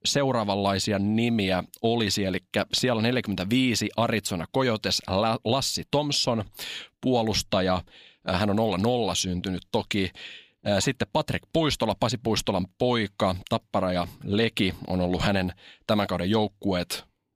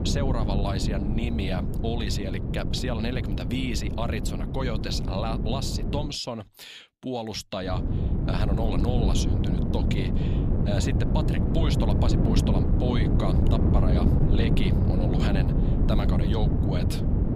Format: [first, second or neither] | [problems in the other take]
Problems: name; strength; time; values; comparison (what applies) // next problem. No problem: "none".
first | wind noise on the microphone; heavy; until 6 s and from 7.5 s on; 1 dB below the speech